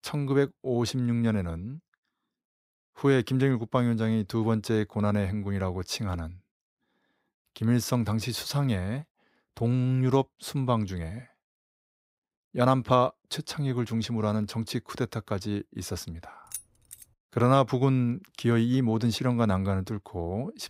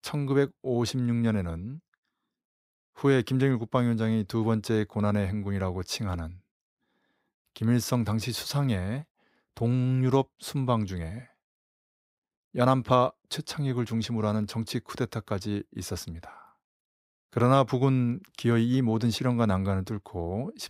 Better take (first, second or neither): second